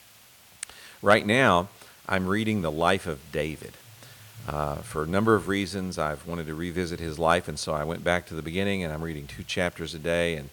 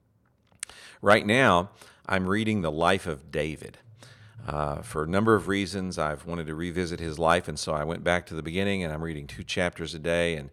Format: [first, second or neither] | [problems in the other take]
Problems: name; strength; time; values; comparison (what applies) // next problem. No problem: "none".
second | hiss; faint; throughout; 25 dB below the speech